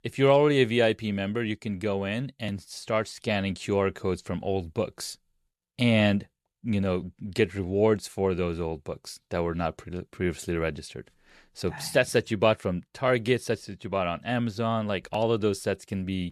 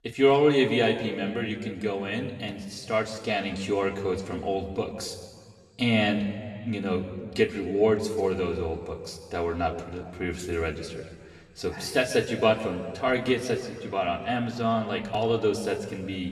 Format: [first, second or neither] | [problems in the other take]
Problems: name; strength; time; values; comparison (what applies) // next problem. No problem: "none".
first | room echo; slight; dies away in 1.6 s // off-mic speech; somewhat distant